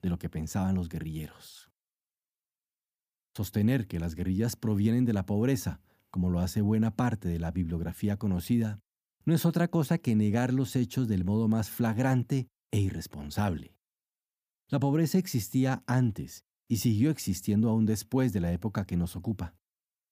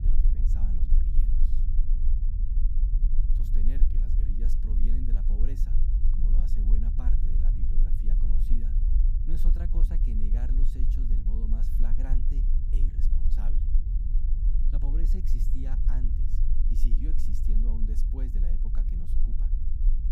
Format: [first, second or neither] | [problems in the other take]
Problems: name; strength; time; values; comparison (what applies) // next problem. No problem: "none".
first | low rumble; loud; throughout; as loud as the speech